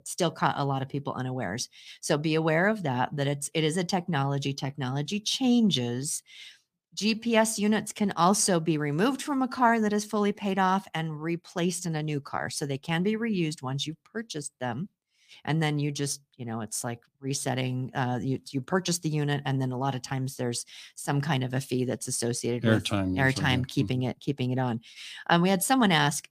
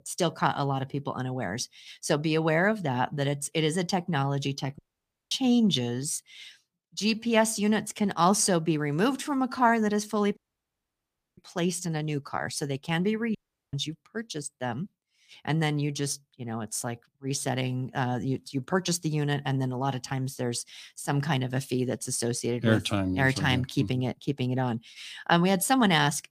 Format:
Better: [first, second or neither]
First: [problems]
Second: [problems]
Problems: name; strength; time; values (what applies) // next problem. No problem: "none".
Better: first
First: none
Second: audio cutting out; at 5 s for 0.5 s, at 10 s for 1 s and at 13 s